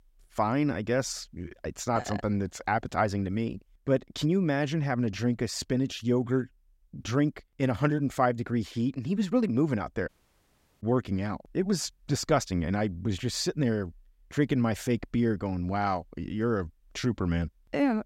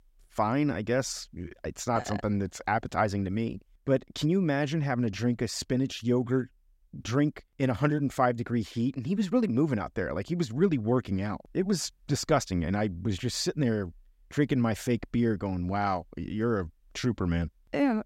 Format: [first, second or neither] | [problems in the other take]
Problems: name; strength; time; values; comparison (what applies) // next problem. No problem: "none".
second | audio cutting out; at 10 s for 0.5 s